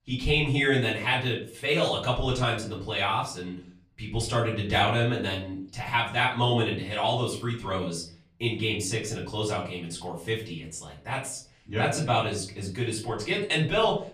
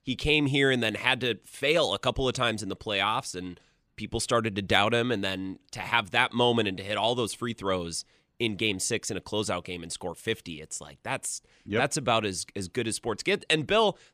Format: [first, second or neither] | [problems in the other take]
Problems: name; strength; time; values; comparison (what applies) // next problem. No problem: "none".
second | off-mic speech; far // room echo; slight; dies away in 0.5 s